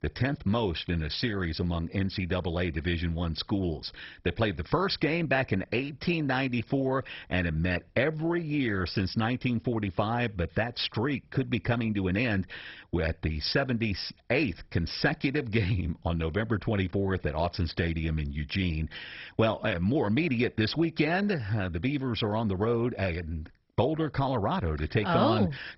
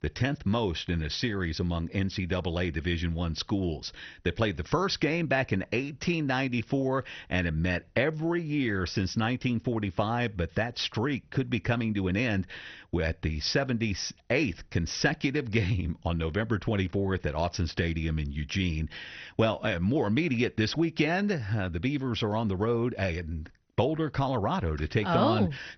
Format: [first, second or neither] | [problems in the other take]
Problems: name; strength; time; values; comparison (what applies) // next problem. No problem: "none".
second | garbled, watery; badly; nothing above 5.5 kHz; slightly in the second